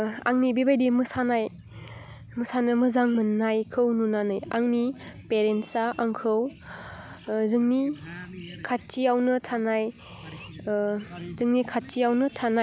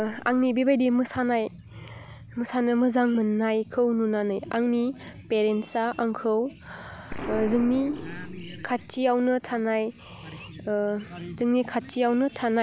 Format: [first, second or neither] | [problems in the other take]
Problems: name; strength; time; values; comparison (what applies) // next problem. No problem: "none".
first | background sound (Explosion); 18 dB below the speech